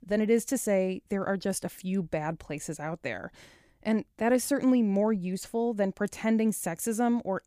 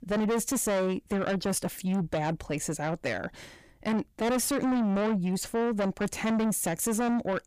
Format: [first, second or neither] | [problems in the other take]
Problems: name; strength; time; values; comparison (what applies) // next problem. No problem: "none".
first | distortion; heavy; 6 dB below the speech